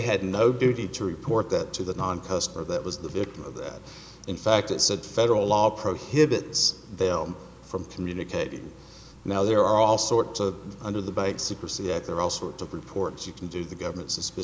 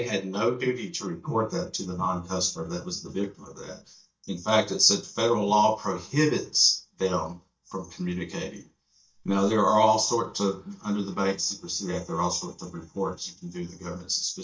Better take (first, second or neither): first